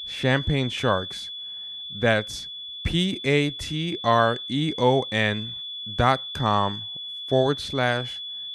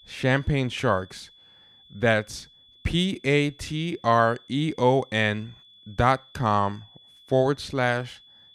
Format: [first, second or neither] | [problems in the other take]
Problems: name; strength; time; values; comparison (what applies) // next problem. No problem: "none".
second | high-pitched whine; loud; throughout; 3.5 kHz, 8 dB below the speech; faint in the second